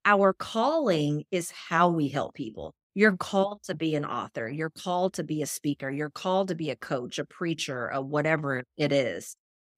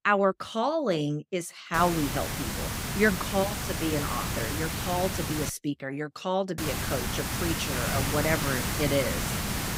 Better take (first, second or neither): first